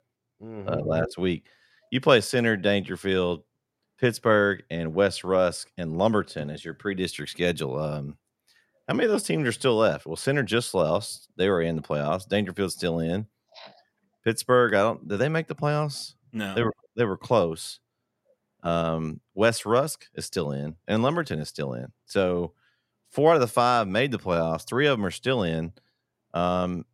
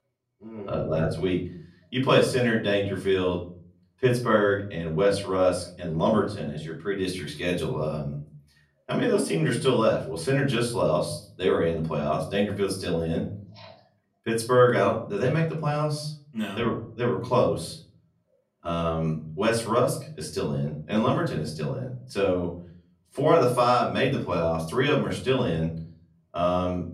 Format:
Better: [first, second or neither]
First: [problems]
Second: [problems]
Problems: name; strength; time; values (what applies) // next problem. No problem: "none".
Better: first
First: none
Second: off-mic speech; far // room echo; slight; dies away in 0.5 s